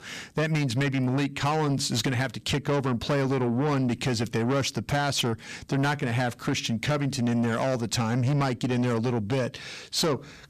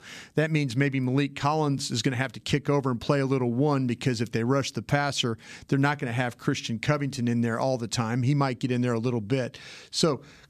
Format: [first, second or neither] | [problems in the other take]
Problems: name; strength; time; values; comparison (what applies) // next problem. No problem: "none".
second | distortion; heavy; 8 dB below the speech